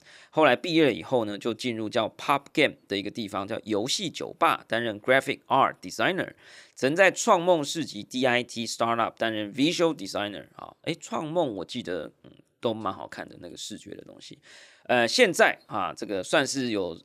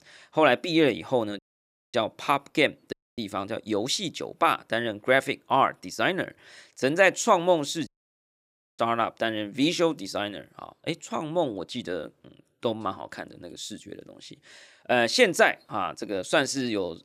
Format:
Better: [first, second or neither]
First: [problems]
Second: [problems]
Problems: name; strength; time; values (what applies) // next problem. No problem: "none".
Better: first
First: none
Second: audio cutting out; at 1.5 s for 0.5 s, at 3 s and at 8 s for 1 s